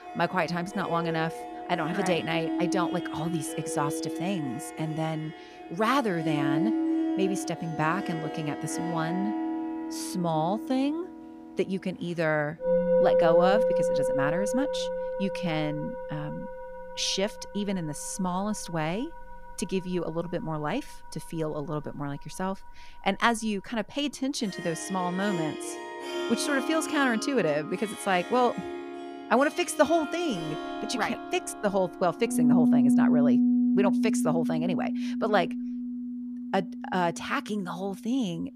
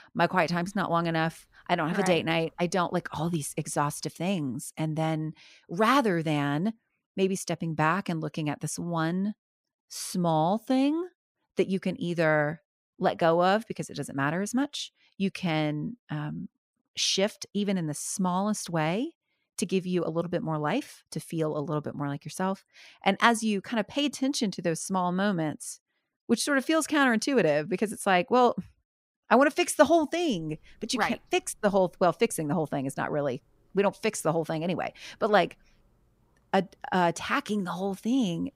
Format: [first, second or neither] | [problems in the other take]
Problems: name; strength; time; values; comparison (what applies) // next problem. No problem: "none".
second | background music; loud; throughout; as loud as the speech